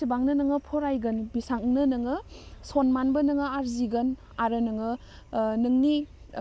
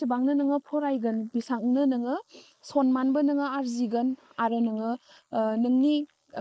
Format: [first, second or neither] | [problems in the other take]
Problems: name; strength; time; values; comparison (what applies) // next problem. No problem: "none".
first | noise reduction (neural mask model Resemble Enhance denoiser)